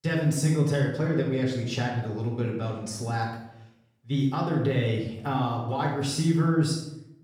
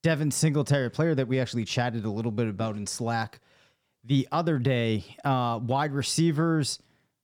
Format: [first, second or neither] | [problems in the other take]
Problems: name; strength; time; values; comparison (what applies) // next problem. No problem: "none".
second | off-mic speech; far // room echo; noticeable; dies away in 0.7 s